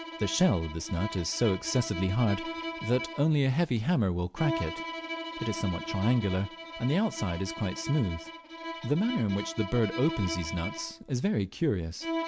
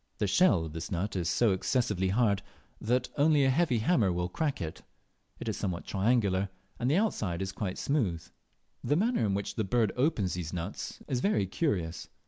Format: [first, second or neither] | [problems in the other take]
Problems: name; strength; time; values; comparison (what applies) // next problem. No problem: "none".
second | background sound (Bowed string instrument); 9 dB below the speech